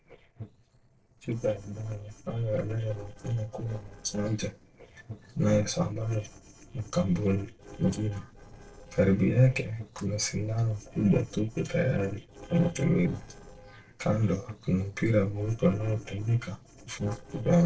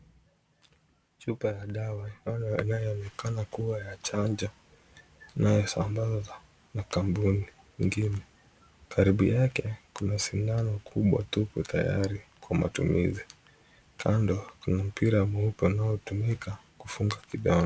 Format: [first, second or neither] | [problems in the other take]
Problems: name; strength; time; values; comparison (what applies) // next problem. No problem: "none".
second | noise reduction (neural separator model SepFormer DNS4)